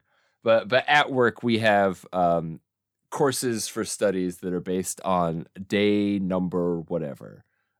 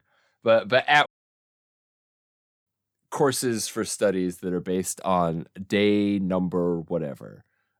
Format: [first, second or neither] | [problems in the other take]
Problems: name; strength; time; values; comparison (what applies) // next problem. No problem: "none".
first | audio cutting out; at 1 s for 1.5 s